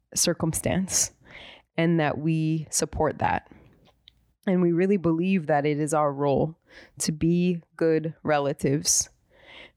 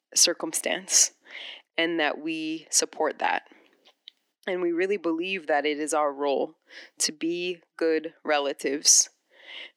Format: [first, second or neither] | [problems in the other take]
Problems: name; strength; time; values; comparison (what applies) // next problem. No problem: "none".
first | thin; somewhat; fading below 300 Hz